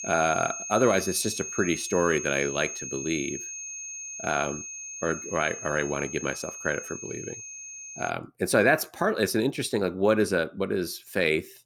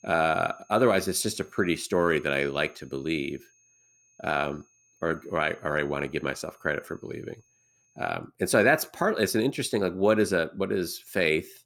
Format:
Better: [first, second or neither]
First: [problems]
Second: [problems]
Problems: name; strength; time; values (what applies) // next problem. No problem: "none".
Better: second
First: high-pitched whine; loud; until 8 s; 6.5 kHz, 8 dB below the speech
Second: high-pitched whine; faint; until 8 s; 6.5 kHz, 35 dB below the speech